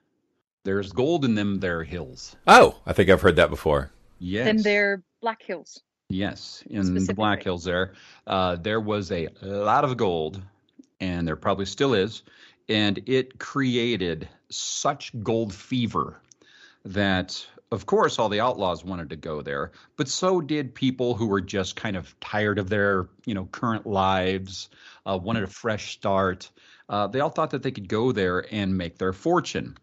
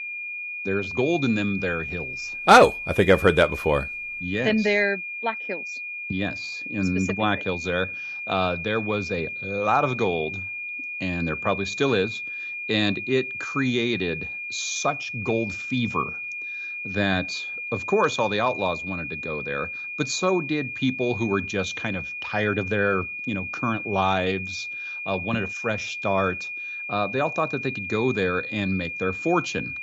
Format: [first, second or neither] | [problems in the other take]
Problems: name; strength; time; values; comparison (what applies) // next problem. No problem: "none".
first | high-pitched whine; loud; throughout; 2.5 kHz, 6 dB below the speech